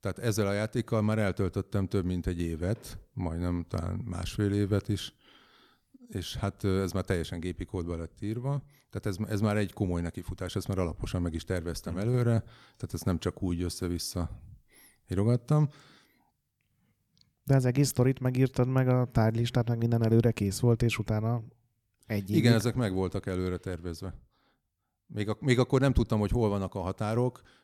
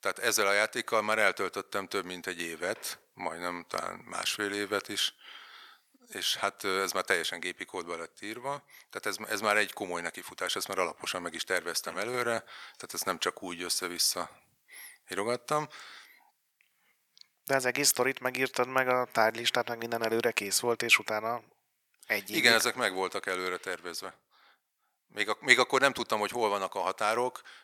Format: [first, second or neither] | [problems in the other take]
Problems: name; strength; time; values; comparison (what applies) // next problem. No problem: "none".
first | thin; very; fading below 800 Hz